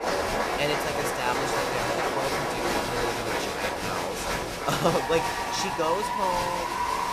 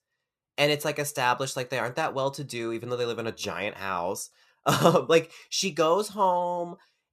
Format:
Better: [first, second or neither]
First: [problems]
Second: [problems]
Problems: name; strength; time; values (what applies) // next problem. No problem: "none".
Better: second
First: crowd noise; very loud; throughout; 3 dB above the speech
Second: none